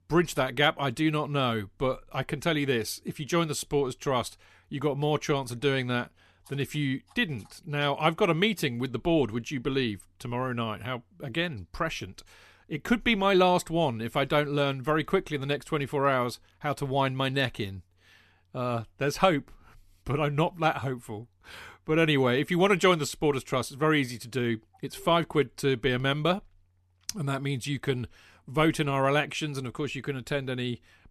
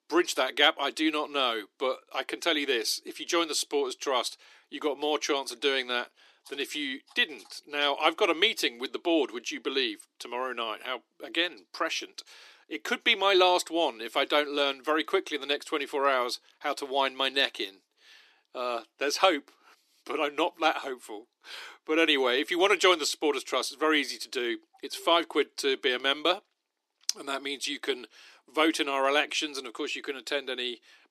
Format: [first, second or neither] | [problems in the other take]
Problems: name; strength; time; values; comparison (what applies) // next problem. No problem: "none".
first | thin; somewhat; fading below 300 Hz